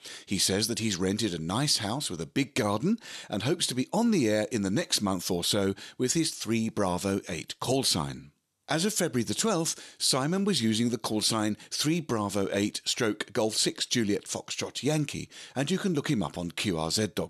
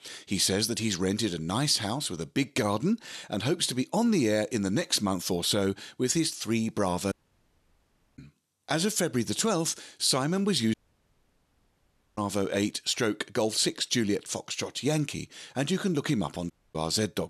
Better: first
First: none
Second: audio cutting out; at 7 s for 1 s, at 11 s for 1.5 s and at 17 s

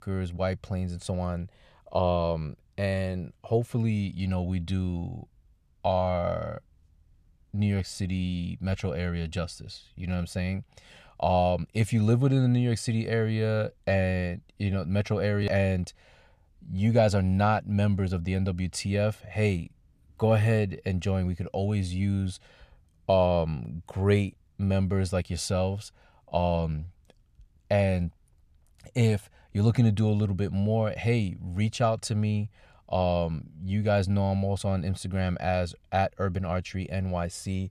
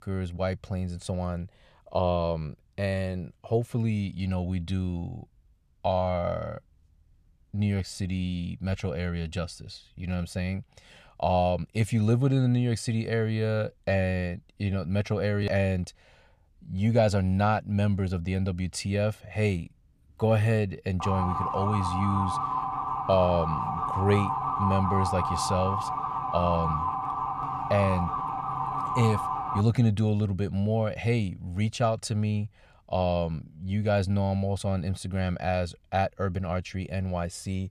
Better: first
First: none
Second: siren; loud; from 21 to 30 s; peak level with the speech

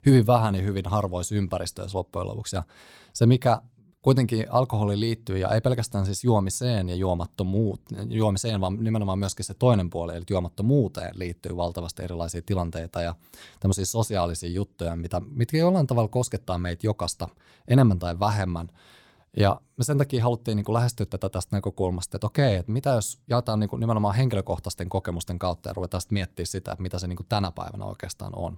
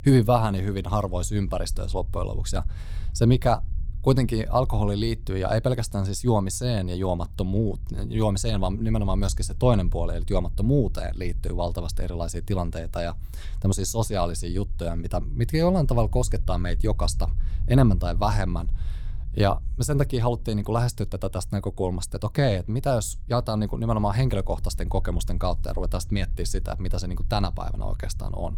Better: first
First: none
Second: low rumble; faint; throughout; 25 dB below the speech

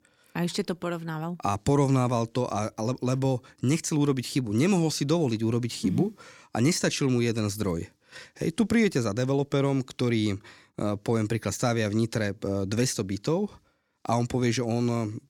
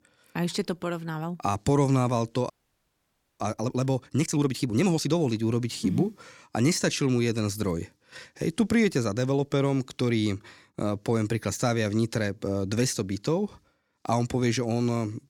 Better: first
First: none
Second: audio freezing; at 2.5 s for 1 s

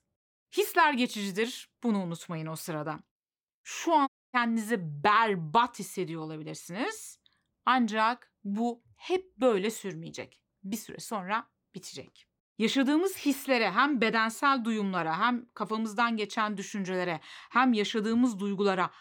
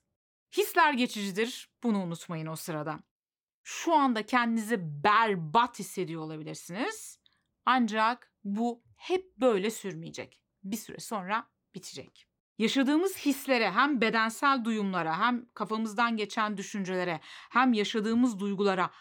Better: second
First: audio cutting out; at 4 s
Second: none

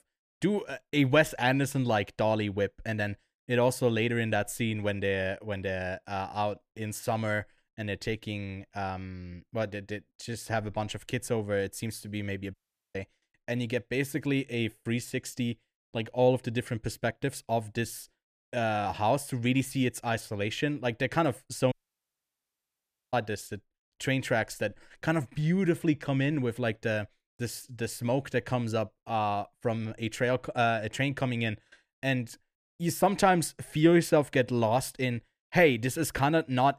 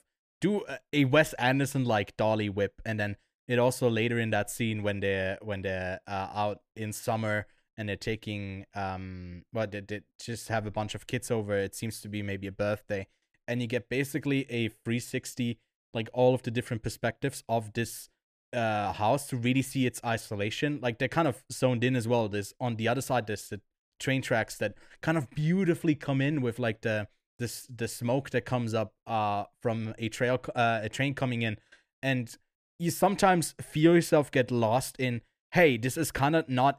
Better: second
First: audio cutting out; at 13 s and at 22 s for 1.5 s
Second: none

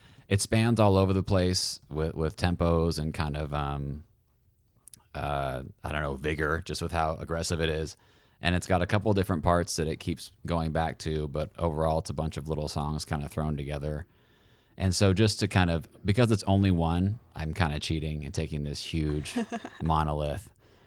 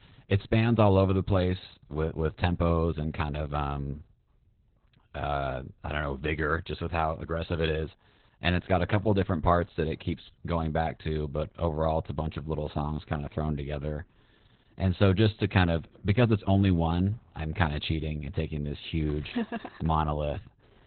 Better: first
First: garbled, watery; slightly; nothing above 19 kHz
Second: garbled, watery; badly; nothing above 4 kHz

